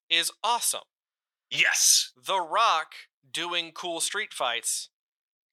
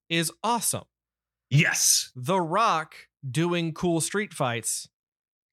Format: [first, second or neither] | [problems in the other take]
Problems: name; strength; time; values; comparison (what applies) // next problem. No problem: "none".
second | thin; very; fading below 700 Hz